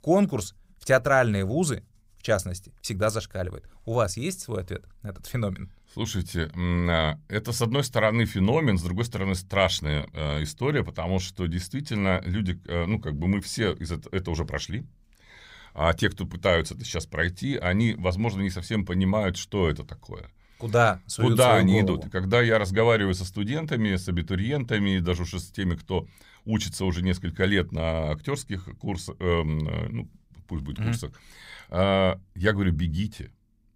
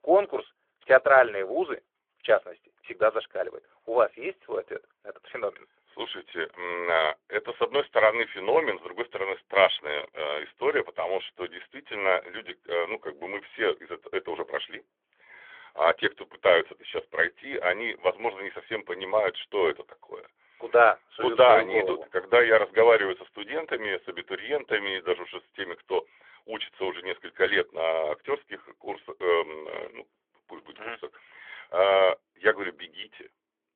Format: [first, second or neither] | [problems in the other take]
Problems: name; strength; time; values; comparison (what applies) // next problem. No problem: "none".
first | phone-call audio; nothing above 3.5 kHz